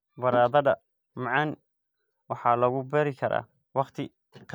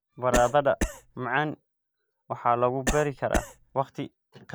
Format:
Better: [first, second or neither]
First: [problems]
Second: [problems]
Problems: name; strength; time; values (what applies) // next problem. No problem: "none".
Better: first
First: none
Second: background sound (Cough); 4 dB below the speech